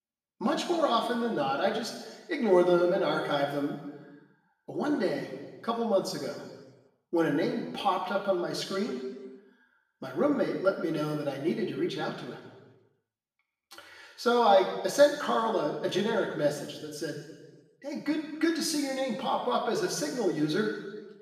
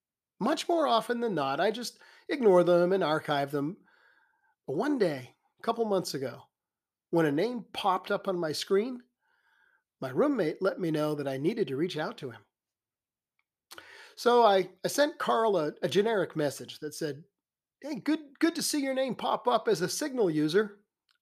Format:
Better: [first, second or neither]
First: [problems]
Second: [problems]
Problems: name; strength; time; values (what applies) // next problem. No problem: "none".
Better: second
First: room echo; noticeable; dies away in 1.1 s // off-mic speech; far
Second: none